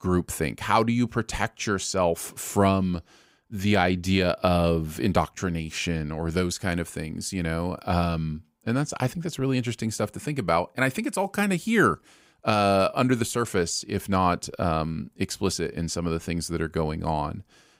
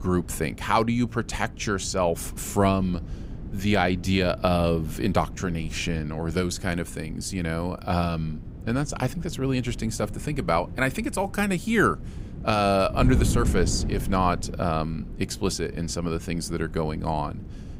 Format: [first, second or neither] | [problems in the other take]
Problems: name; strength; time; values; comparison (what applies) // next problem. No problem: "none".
first | wind noise on the microphone; occasional gusts; 20 dB below the speech